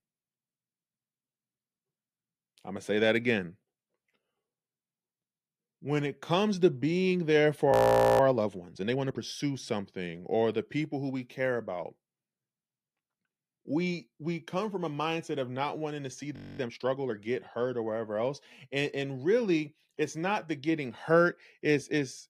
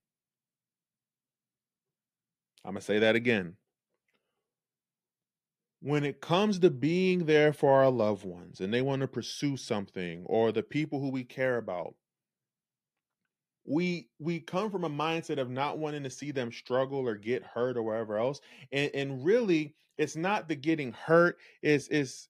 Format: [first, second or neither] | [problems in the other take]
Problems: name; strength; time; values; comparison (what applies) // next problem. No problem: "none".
second | audio freezing; at 7.5 s and at 16 s